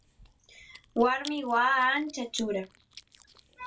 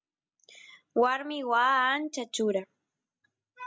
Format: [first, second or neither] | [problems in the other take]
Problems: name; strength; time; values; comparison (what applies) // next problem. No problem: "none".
second | background sound (Chewing, mastication); 19 dB below the speech // room echo; dies away in 0.1 s